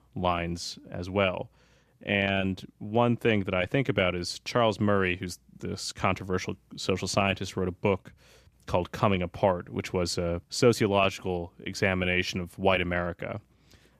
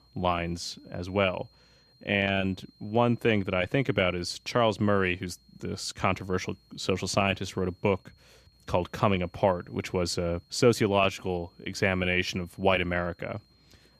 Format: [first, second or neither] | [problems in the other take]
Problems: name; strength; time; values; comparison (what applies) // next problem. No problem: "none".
first | high-pitched whine; faint; throughout; 4 kHz, 35 dB below the speech